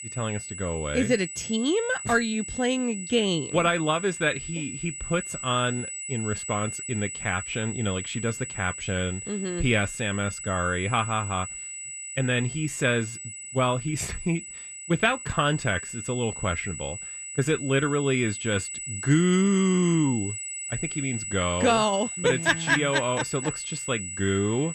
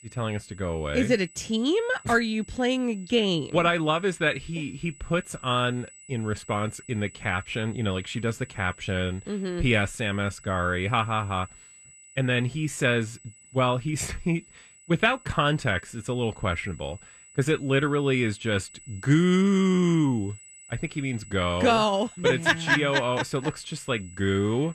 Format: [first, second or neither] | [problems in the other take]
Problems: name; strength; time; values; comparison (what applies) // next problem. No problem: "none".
second | high-pitched whine; loud; throughout; 8 kHz, 7 dB below the speech; faint in the second